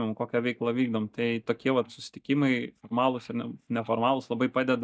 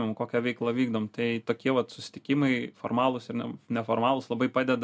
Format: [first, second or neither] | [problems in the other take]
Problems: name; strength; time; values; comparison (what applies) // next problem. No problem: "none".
second | noise reduction (neural mask model DeepFilterNet 3)